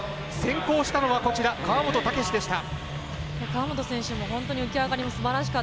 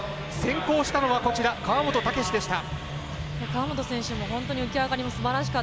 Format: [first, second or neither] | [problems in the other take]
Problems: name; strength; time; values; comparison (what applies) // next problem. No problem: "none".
second | background sound (Fart); 15 dB below the speech